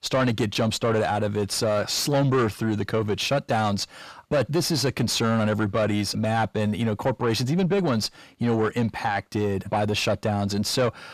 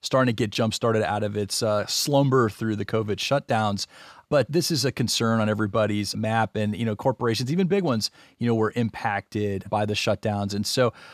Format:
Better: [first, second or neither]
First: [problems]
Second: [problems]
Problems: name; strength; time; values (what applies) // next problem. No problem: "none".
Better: second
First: distortion; slight; 10 dB below the speech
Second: none